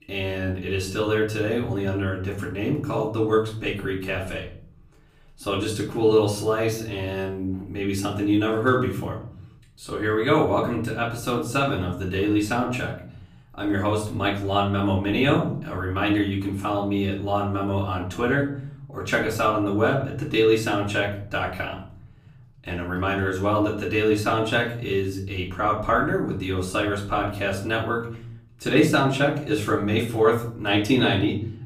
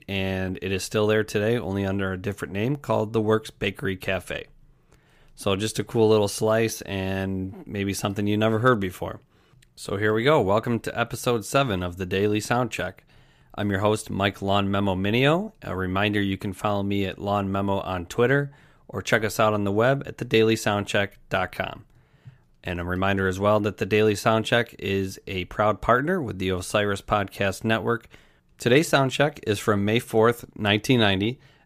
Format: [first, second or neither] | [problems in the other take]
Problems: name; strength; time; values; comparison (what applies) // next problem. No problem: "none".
second | off-mic speech; far // room echo; slight; dies away in 0.7 s